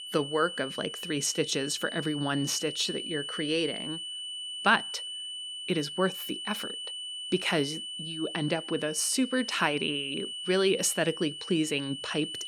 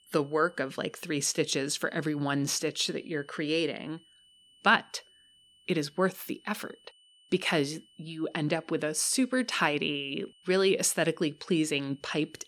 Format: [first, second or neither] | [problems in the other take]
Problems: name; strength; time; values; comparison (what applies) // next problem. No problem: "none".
second | high-pitched whine; loud; throughout; 3 kHz, 7 dB below the speech; faint in the second